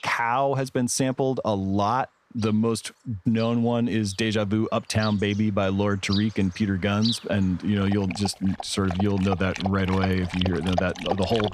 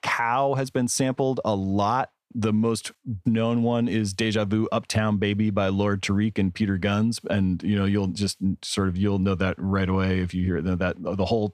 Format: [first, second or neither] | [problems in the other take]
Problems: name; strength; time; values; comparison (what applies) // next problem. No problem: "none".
second | animal sounds; loud; throughout; 10 dB below the speech